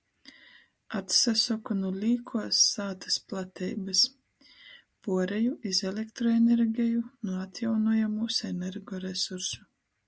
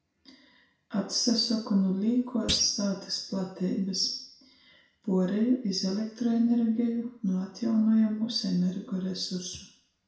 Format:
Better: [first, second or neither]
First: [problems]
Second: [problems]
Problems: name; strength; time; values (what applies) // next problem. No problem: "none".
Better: first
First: none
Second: background sound (Thump, thud); 9 dB below the speech // room echo; dies away in 0.6 s